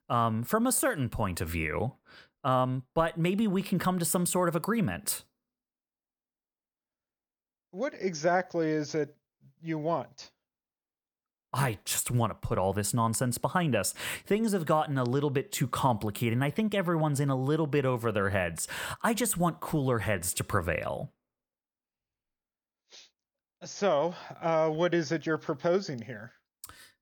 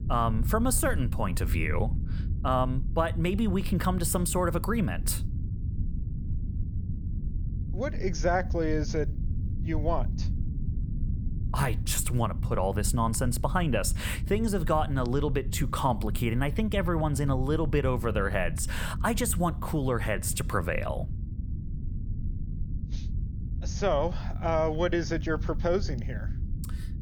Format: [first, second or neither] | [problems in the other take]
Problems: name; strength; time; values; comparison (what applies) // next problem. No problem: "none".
first | low rumble; noticeable; throughout; 15 dB below the speech